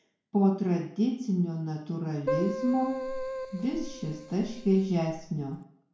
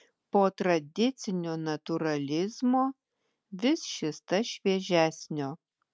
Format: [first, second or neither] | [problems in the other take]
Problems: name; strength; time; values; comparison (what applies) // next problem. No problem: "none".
second | background sound (Keyboard (musical)); 7 dB below the speech // room echo; dies away in 0.6 s